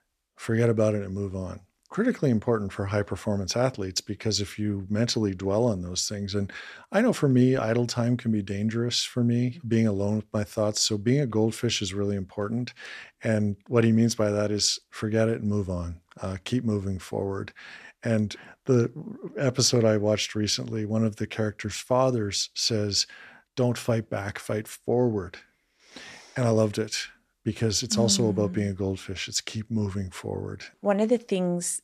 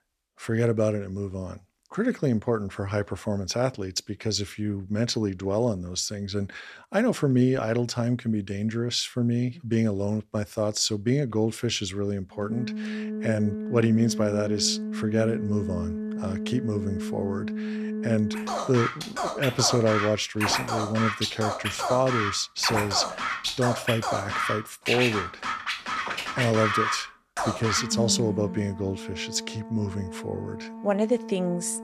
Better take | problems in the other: first | background music; loud; from 12 s on; 3 dB below the speech

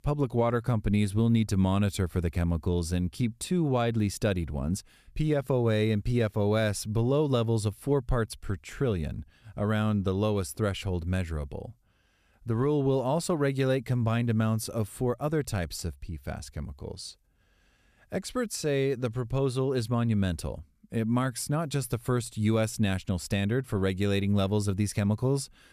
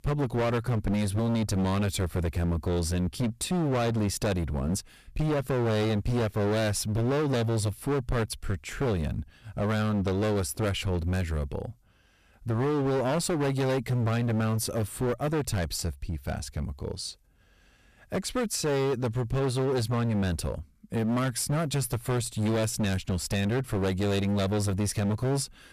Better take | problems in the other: first | distortion; heavy; 25% of the sound clipped

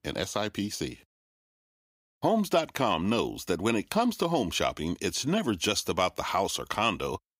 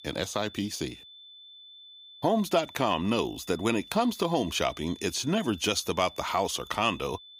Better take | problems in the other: first | high-pitched whine; noticeable; throughout; 3.5 kHz, 20 dB below the speech

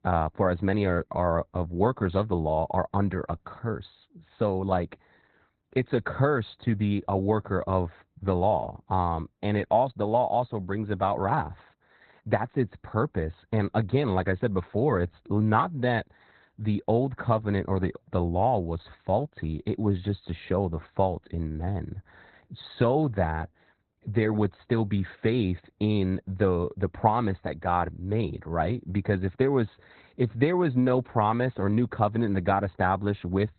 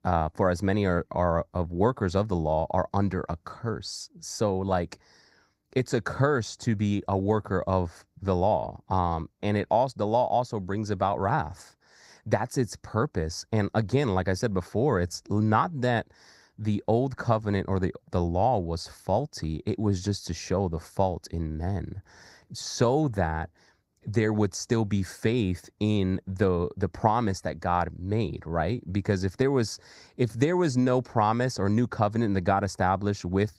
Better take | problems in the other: second | garbled, watery; badly; nothing above 4 kHz; slightly in the second

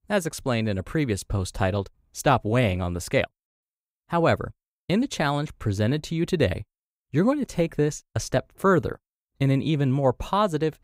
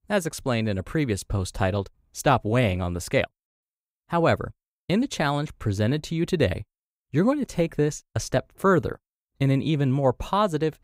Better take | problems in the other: neither | none

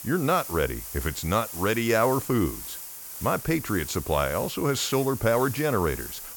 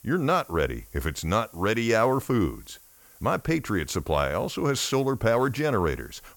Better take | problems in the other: second | hiss; loud; throughout; 10 dB below the speech; faint in the second

